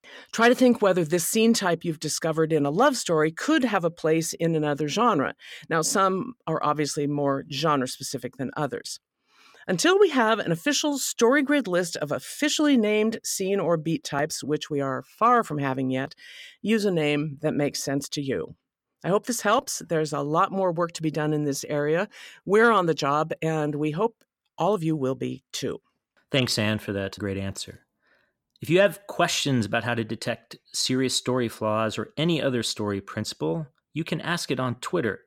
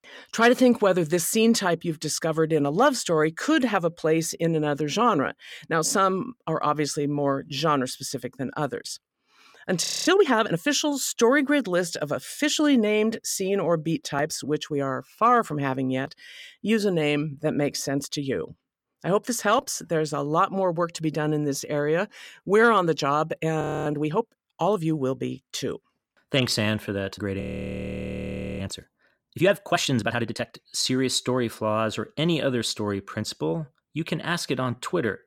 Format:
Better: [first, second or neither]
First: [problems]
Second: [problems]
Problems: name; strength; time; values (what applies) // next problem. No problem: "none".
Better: first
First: none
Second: audio freezing; at 10 s, at 24 s and at 27 s for 1 s